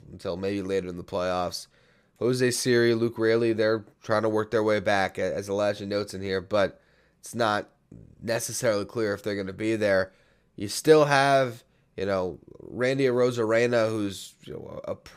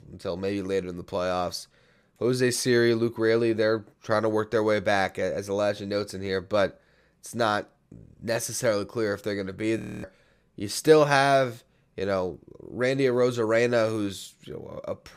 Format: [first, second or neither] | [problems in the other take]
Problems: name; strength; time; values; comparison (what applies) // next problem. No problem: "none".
first | audio freezing; at 10 s